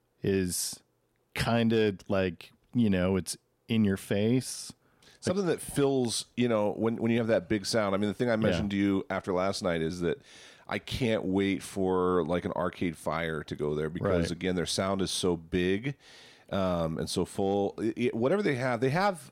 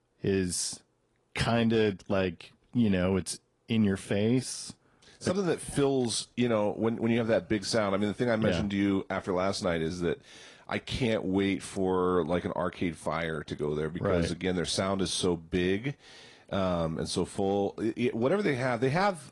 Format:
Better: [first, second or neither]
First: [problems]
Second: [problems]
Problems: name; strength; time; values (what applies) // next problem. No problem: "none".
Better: first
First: none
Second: garbled, watery; slightly; nothing above 10.5 kHz